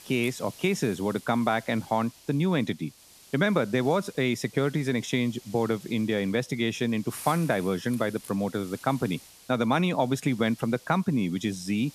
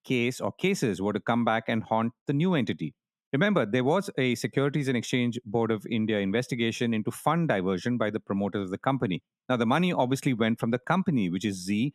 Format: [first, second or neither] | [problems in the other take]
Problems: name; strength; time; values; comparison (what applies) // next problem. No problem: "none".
second | hiss; faint; throughout; 20 dB below the speech